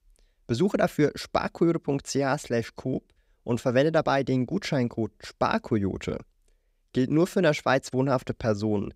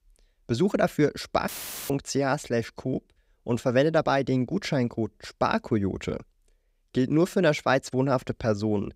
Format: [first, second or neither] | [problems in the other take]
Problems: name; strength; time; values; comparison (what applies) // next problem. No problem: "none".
first | audio cutting out; filled with static; at 1.5 s